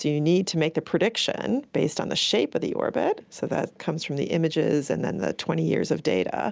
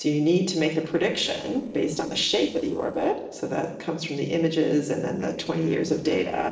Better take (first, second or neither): first